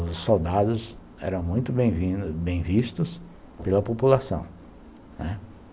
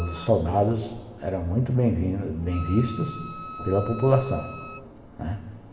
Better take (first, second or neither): first